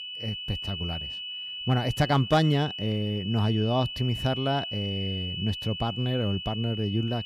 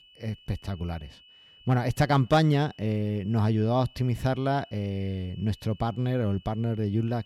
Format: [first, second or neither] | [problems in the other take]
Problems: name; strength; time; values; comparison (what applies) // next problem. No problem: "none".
second | high-pitched whine; loud; throughout; 3 kHz, 6 dB below the speech; faint in the second